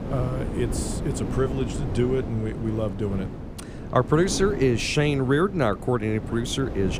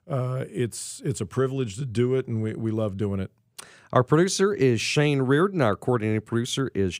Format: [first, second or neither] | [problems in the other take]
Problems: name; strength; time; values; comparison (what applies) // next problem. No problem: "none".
second | wind noise on the microphone; occasional gusts; 10 dB below the speech